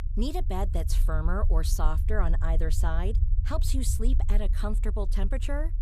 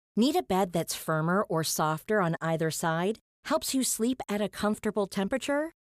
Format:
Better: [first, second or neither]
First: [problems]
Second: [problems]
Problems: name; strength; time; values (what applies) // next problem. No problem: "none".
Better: second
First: low rumble; noticeable; throughout; 15 dB below the speech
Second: none